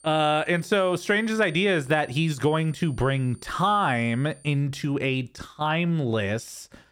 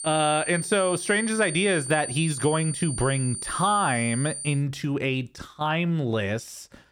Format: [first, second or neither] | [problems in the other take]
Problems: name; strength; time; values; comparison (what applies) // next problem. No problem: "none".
first | high-pitched whine; loud; until 4.5 s; 9 kHz, 6 dB below the speech; faint in the first